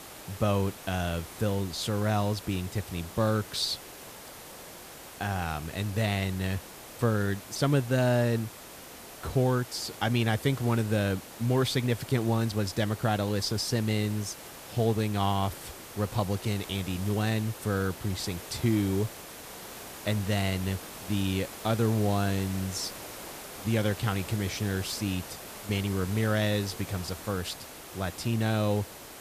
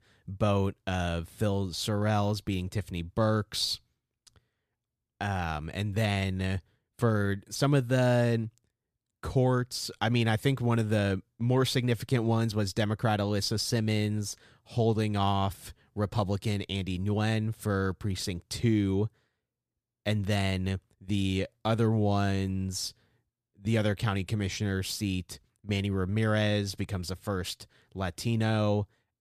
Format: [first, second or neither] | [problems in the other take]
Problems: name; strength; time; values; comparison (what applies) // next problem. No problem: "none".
second | hiss; noticeable; throughout; 15 dB below the speech